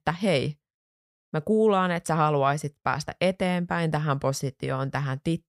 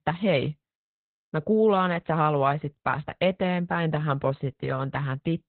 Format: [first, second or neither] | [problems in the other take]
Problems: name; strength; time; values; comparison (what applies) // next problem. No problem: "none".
first | garbled, watery; badly; nothing above 4 kHz